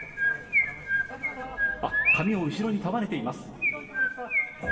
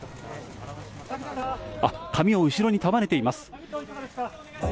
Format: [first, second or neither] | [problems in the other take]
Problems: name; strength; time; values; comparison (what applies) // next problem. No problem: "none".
second | background sound (Chirp, tweet); 3 dB above the speech // room echo; dies away in 2.6 s